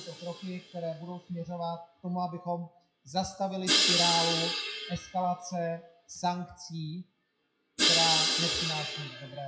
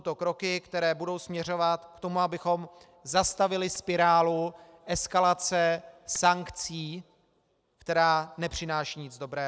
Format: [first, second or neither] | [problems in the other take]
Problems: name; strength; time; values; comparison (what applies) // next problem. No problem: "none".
second | noise reduction (classical method WPE with log-MMSE)